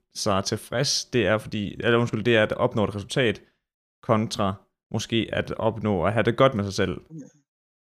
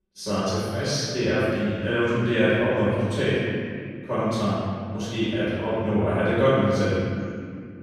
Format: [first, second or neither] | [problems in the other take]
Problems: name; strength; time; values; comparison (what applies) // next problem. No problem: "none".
first | off-mic speech; far // room echo; strong; dies away in 2.3 s